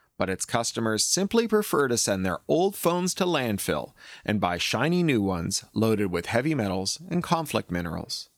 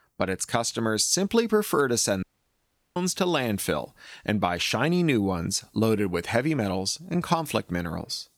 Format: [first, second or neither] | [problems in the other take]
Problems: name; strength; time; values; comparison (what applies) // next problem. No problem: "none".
first | audio cutting out; at 2 s for 0.5 s